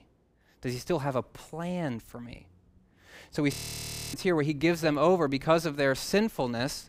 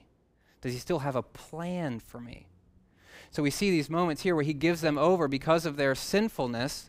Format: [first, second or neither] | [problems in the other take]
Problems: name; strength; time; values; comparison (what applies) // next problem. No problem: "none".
second | audio freezing; at 3.5 s for 0.5 s